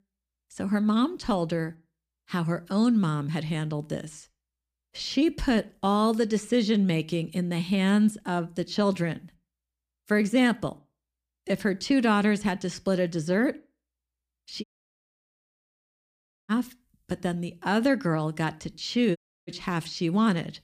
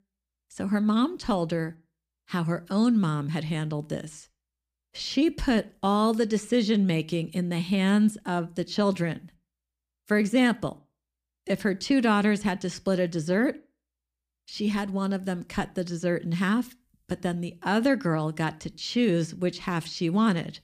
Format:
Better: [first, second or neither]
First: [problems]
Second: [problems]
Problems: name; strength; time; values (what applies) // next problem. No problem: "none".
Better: second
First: audio cutting out; at 15 s for 2 s and at 19 s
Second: none